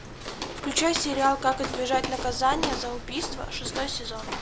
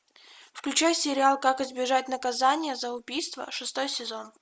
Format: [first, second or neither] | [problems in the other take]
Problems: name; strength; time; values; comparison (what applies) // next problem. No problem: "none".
second | background sound (Walk, footsteps); 6 dB below the speech